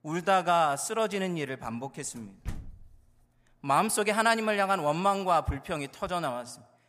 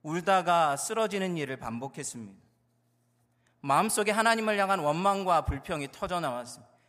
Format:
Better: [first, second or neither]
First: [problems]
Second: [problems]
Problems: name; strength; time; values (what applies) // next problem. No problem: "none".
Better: second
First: door banging; faint; at 2.5 s; peak 15 dB below the speech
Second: none